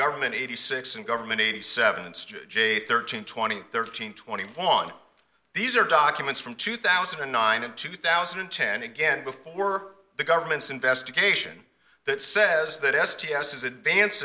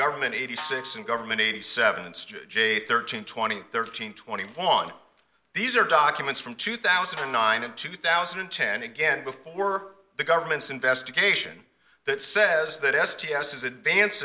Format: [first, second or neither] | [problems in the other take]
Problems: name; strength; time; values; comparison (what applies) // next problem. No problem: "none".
first | background sound (Snare drum); 18 dB below the speech